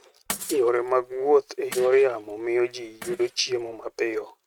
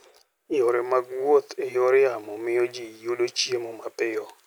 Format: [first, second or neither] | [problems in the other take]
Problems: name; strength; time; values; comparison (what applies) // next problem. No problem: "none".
second | noise reduction (neural mask model RNNoise)